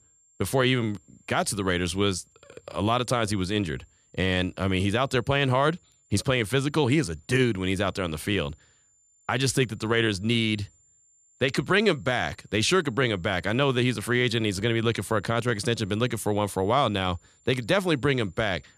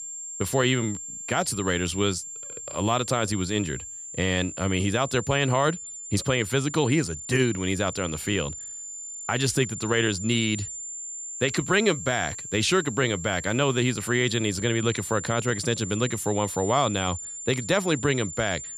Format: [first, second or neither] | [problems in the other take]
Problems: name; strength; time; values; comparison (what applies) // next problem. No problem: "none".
first | high-pitched whine; loud; throughout; 7 kHz, 9 dB below the speech; faint in the first